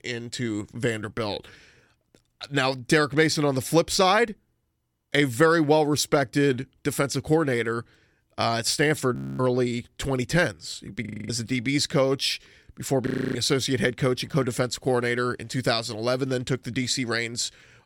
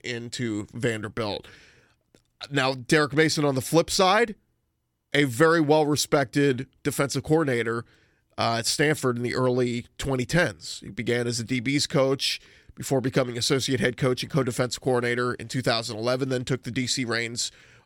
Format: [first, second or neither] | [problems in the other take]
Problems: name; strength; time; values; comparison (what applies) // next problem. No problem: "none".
second | audio freezing; at 9 s, at 11 s and at 13 s